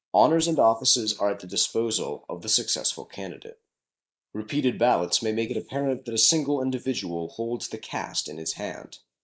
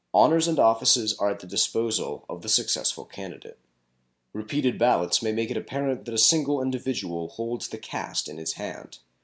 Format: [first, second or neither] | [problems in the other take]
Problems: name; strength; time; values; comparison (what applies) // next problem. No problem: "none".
second | noise reduction (neural mask model Resemble Enhance denoiser)